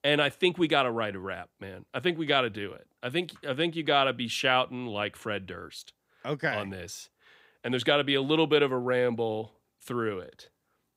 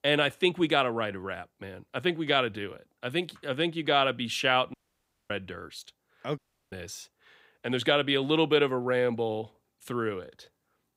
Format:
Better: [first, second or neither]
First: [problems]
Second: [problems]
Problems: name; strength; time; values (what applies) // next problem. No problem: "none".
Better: first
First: none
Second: audio cutting out; at 4.5 s for 0.5 s and at 6.5 s